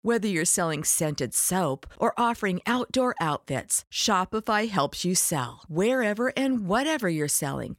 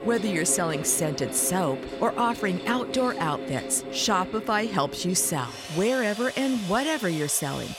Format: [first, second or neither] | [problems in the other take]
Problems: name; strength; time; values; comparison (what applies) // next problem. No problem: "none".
first | machinery noise; loud; throughout; 10 dB below the speech